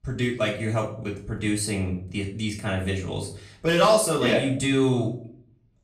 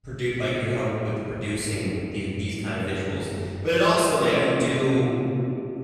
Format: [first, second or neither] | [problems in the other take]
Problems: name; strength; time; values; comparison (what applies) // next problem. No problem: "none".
first | room echo; strong; dies away in 2.9 s; slight in the first // off-mic speech; far; far in the first